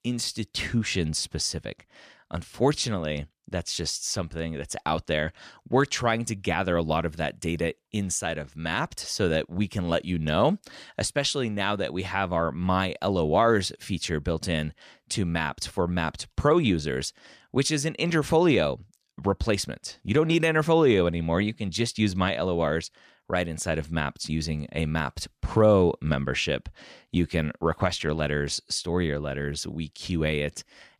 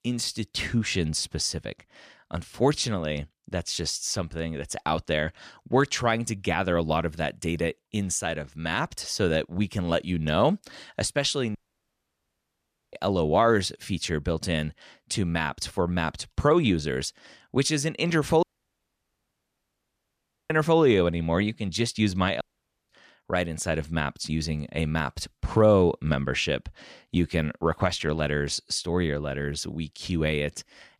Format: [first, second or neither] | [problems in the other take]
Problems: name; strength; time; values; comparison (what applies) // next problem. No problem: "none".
first | audio cutting out; at 12 s for 1.5 s, at 18 s for 2 s and at 22 s